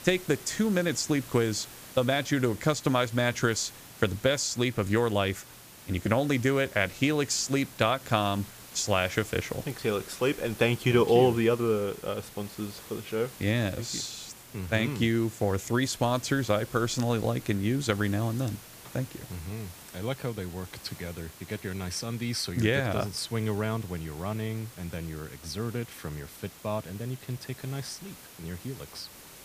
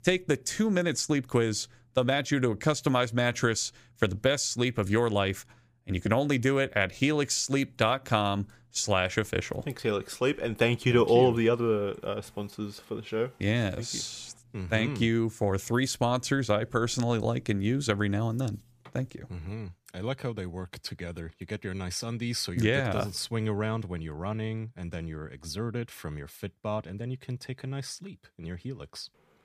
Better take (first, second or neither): second